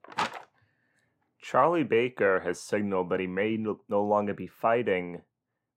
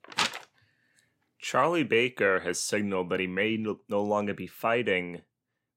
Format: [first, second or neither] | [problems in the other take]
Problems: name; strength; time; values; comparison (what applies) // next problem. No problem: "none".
second | muffled; slightly; fading above 2 kHz